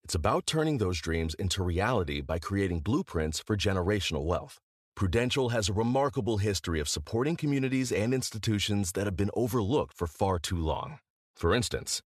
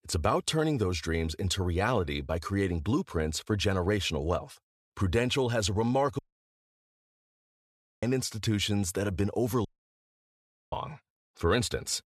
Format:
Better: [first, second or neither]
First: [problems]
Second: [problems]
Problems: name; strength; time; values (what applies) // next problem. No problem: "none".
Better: first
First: none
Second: audio cutting out; at 6 s for 2 s and at 9.5 s for 1 s